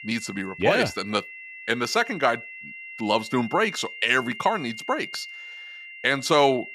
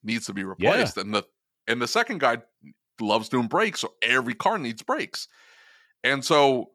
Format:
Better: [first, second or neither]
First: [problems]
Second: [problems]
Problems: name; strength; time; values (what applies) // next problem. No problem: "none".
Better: second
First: high-pitched whine; noticeable; throughout; 2 kHz, 15 dB below the speech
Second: none